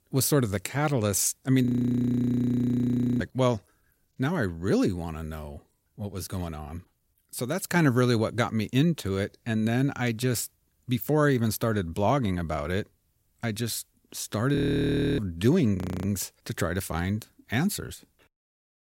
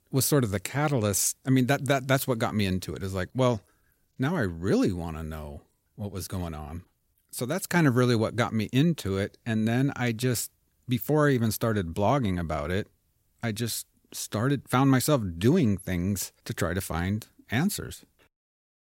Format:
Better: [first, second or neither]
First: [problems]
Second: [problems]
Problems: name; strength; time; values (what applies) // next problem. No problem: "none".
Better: second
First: audio freezing; at 1.5 s for 1.5 s, at 15 s for 0.5 s and at 16 s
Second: none